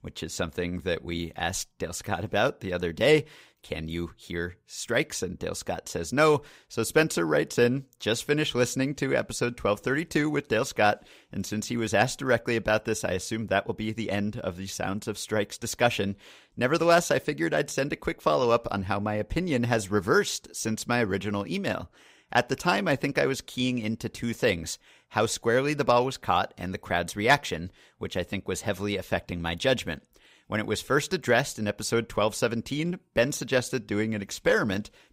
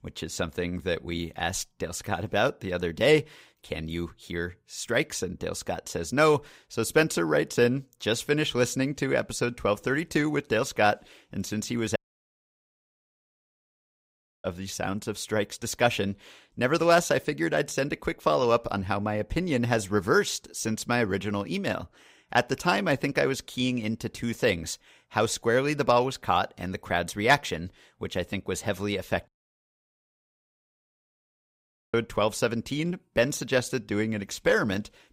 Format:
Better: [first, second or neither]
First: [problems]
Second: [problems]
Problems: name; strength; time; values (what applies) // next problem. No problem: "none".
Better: first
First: none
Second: audio cutting out; at 12 s for 2.5 s and at 29 s for 2.5 s